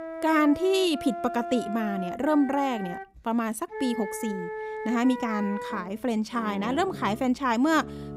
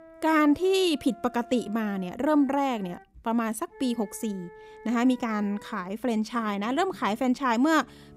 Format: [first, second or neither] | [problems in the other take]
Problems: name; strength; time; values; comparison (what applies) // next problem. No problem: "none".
second | background music; loud; throughout; 10 dB below the speech; faint in the second